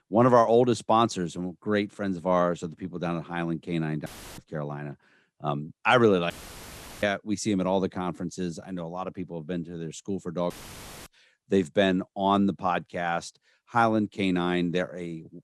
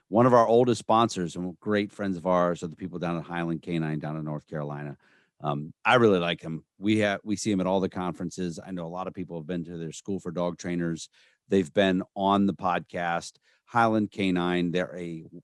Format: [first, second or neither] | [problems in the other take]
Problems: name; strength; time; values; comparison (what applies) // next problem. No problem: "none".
second | audio cutting out; filled with static; at 4 s, at 6.5 s for 0.5 s and at 11 s for 0.5 s